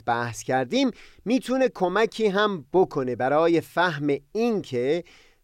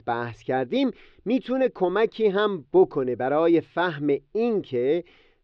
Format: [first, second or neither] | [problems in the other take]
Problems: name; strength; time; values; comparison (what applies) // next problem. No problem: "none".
first | muffled; slightly; fading above 3.5 kHz